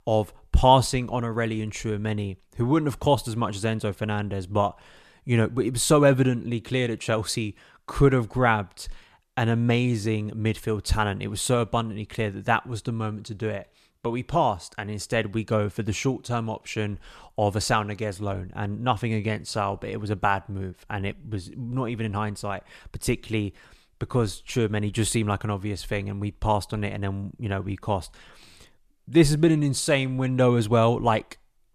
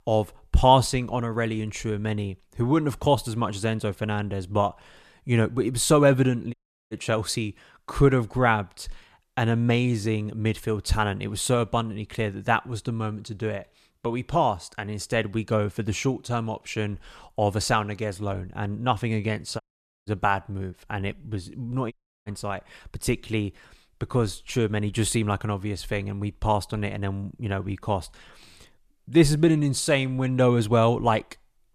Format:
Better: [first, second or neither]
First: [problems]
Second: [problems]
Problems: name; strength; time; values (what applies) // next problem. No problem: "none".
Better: first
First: none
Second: audio cutting out; at 6.5 s, at 20 s and at 22 s